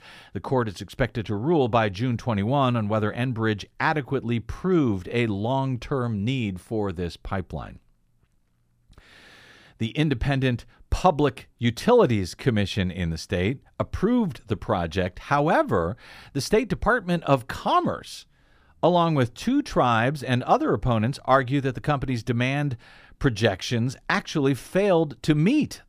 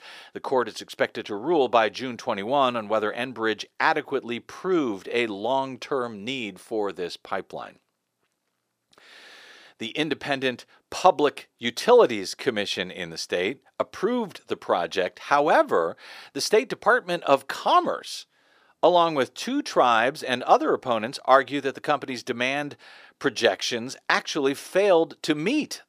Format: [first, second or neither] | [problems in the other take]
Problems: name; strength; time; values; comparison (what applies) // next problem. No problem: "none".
first | thin; somewhat; fading below 450 Hz